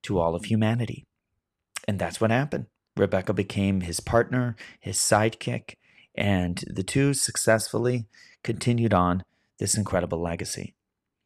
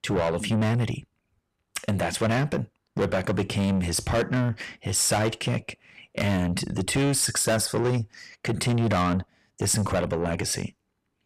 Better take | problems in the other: first | distortion; heavy; 6 dB below the speech

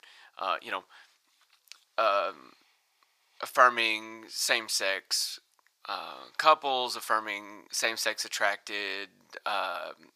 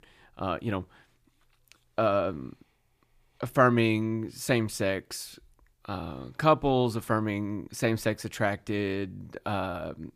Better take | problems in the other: second | thin; very; fading below 950 Hz

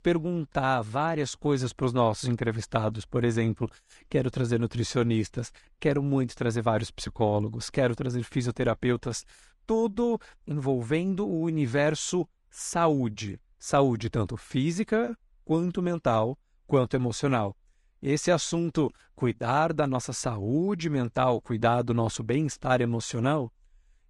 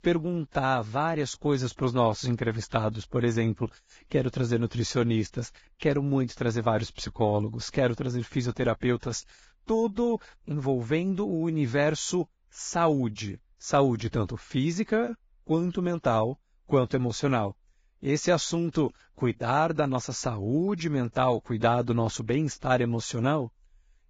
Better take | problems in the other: first | garbled, watery; badly; nothing above 7.5 kHz; slightly in the first

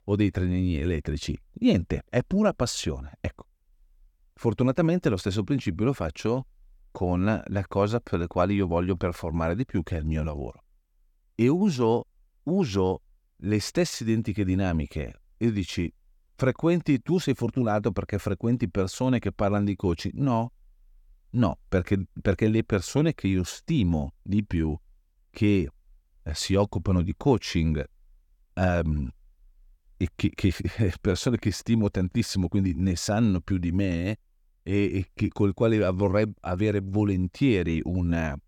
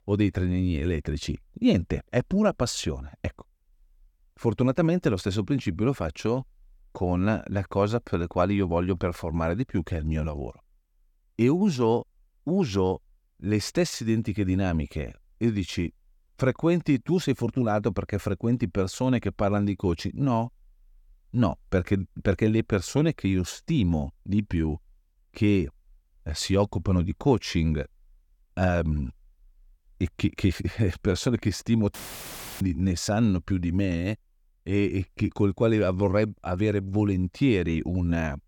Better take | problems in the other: first | audio cutting out; filled with static; at 32 s for 0.5 s

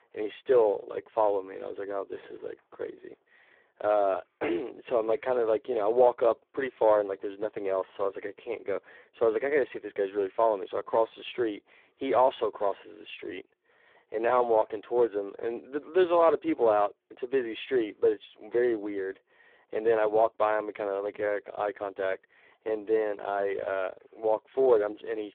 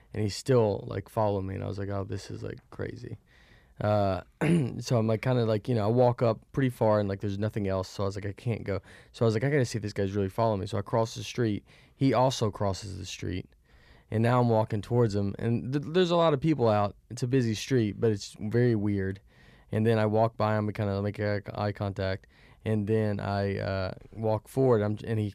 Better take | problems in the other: second | phone-call audio; poor line

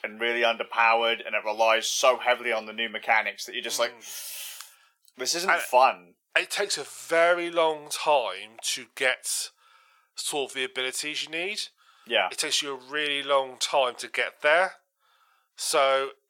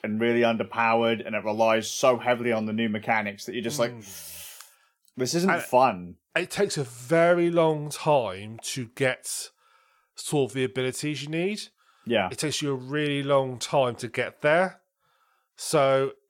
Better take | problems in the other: second | thin; very; fading below 650 Hz

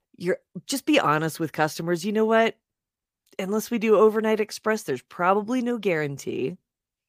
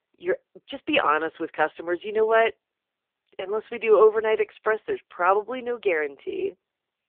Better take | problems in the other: first | phone-call audio; poor line

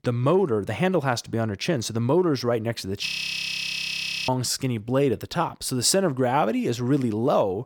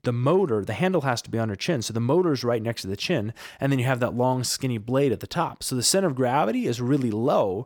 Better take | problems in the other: second | audio freezing; at 3 s for 1 s

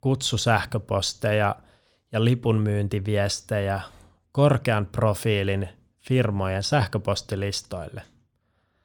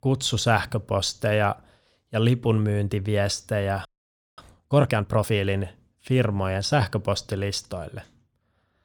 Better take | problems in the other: first | audio freezing; at 4 s for 0.5 s

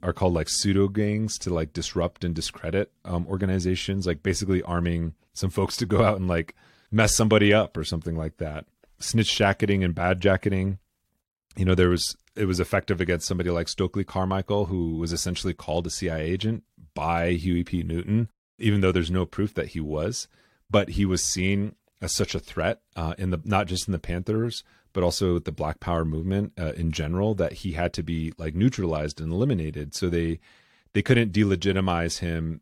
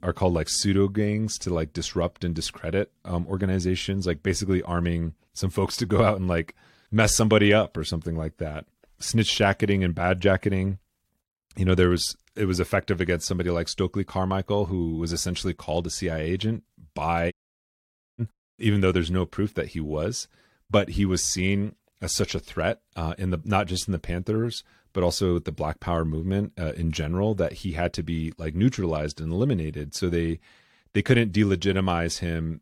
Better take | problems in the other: first | audio cutting out; at 17 s for 1 s

